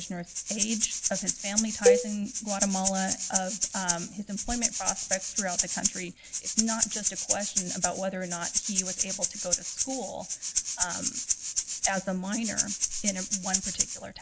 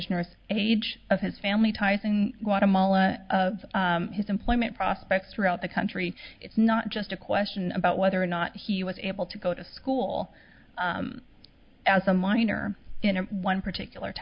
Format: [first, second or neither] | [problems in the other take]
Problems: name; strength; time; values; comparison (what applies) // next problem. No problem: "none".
second | background sound (Rattle (instrument) + Cowbell); 4 dB above the speech